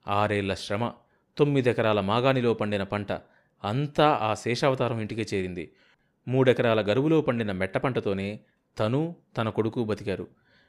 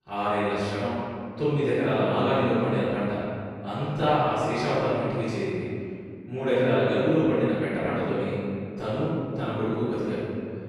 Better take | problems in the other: first | room echo; strong; dies away in 2.2 s // off-mic speech; far

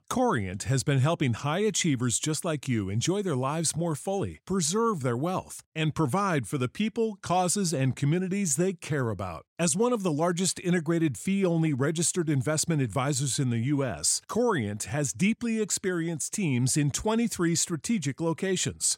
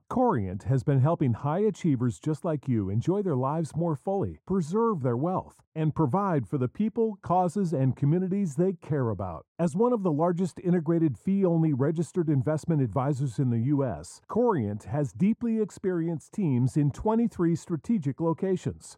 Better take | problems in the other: first | muffled; very; fading above 1.5 kHz

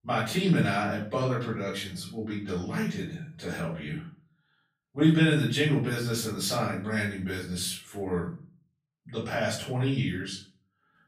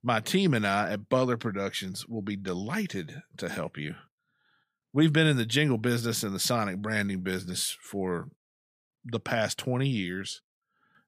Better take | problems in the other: second | off-mic speech; far // room echo; noticeable; dies away in 0.4 s

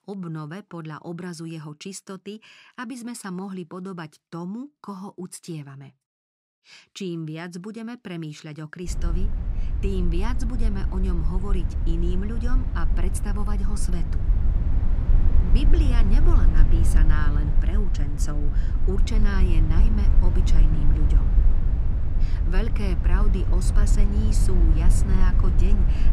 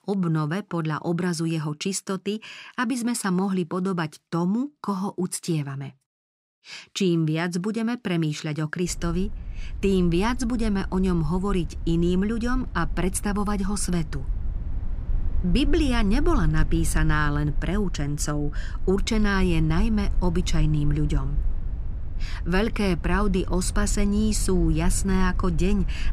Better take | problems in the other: second | low rumble; loud; from 9 s on; 4 dB below the speech; faint in the second

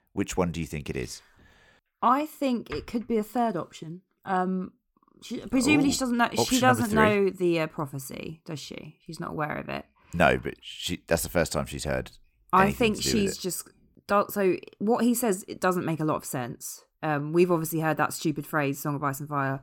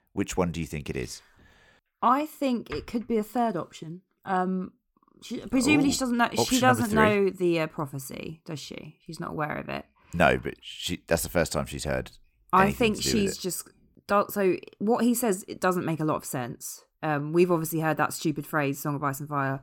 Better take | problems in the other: neither | none

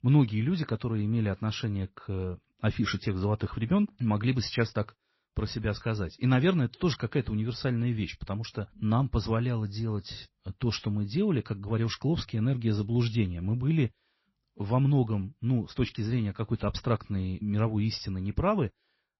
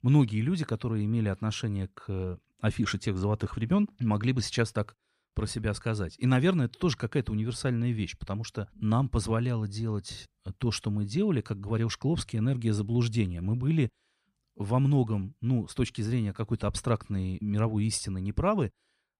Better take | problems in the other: second | garbled, watery; slightly; nothing above 5.5 kHz

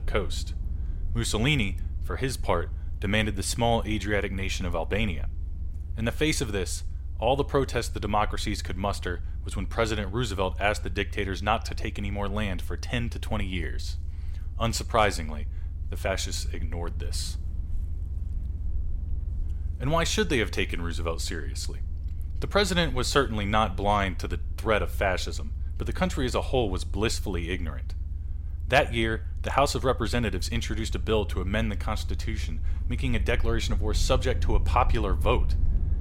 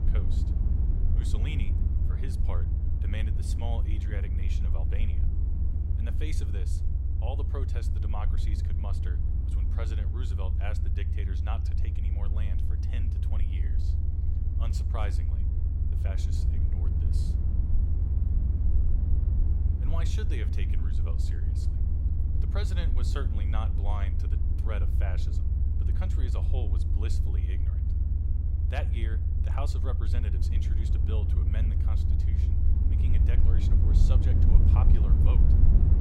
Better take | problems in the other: first | low rumble; loud; throughout; 1 dB below the speech; faint in the first

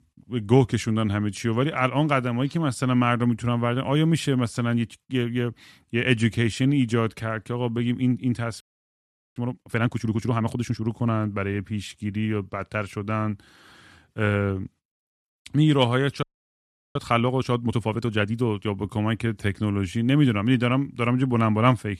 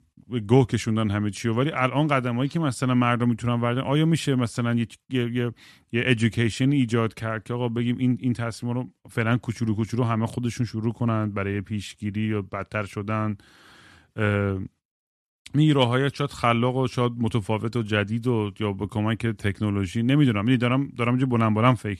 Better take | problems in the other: second | audio freezing; at 8.5 s for 1 s and at 16 s for 0.5 s

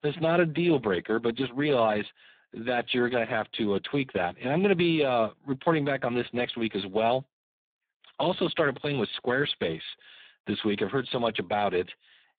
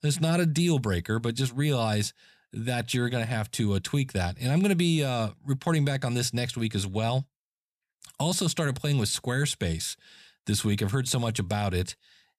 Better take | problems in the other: second | phone-call audio; poor line; nothing above 3.5 kHz

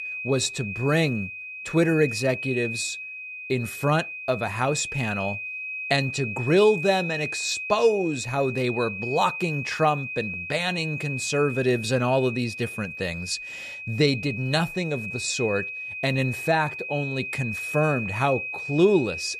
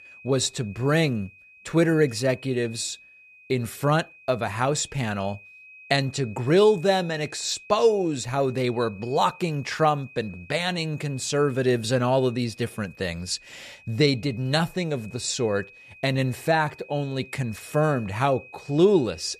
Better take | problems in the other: second | high-pitched whine; loud; throughout; 2.5 kHz, 6 dB below the speech; faint in the second

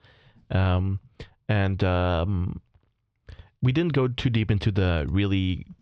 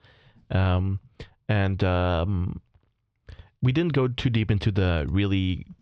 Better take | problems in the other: neither | muffled; very slightly; fading above 4 kHz; the same in both

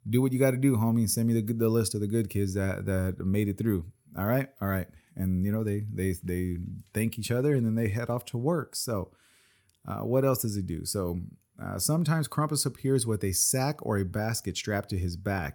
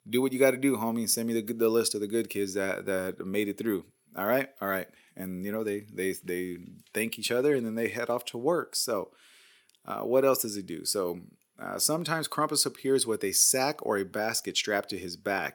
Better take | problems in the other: first | thin; somewhat; fading below 350 Hz

